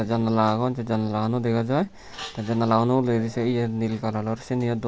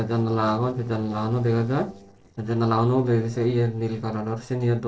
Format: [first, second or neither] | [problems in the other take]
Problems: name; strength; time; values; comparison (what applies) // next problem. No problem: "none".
first | noise reduction (neural separator model SepFormer DNS4)